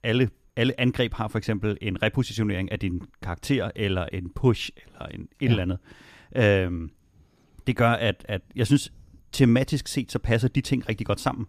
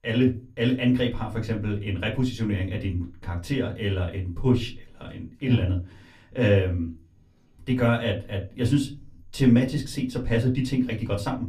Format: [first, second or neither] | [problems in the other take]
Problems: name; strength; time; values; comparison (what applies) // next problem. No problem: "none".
first | off-mic speech; far // room echo; very slight; dies away in 0.3 s